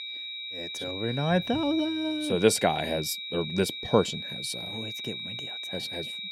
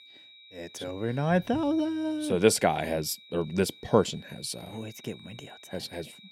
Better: second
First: high-pitched whine; loud; throughout; 4 kHz, 6 dB below the speech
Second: high-pitched whine; faint; throughout; 4 kHz, 20 dB below the speech

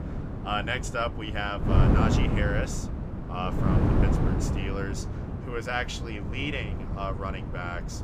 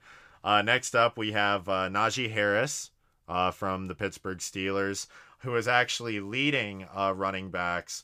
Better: second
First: wind noise on the microphone; heavy; 4 dB below the speech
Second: none

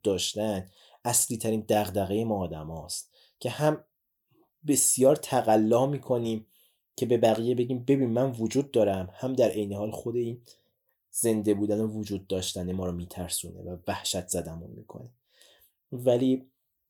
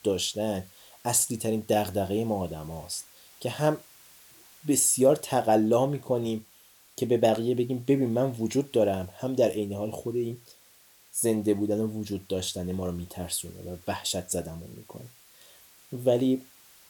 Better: first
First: none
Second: hiss; faint; throughout; 25 dB below the speech

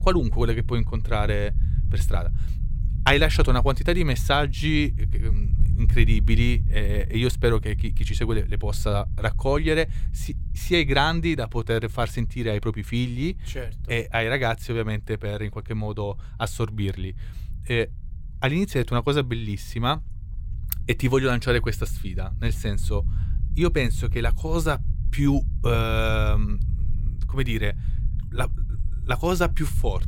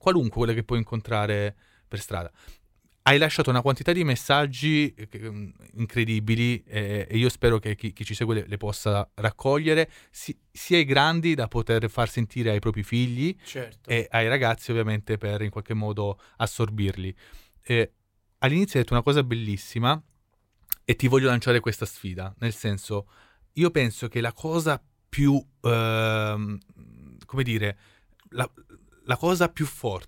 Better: second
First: low rumble; faint; throughout; 20 dB below the speech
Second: none

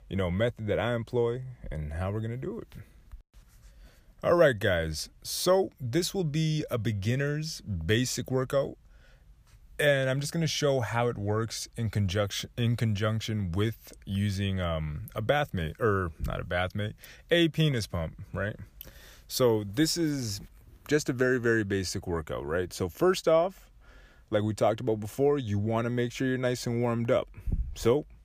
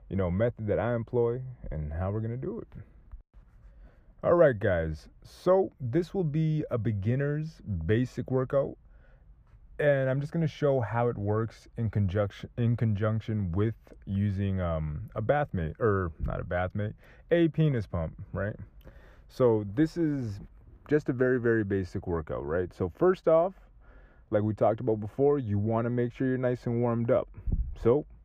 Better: first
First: none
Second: muffled; very; fading above 2.5 kHz

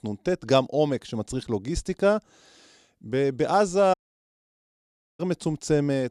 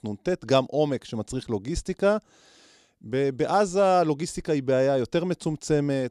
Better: second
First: audio cutting out; at 4 s for 1.5 s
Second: none

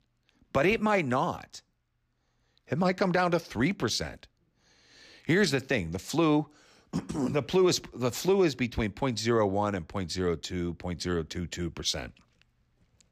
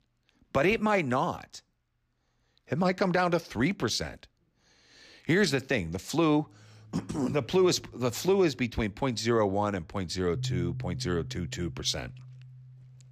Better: first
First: none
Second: background music; noticeable; from 6.5 s on; 15 dB below the speech

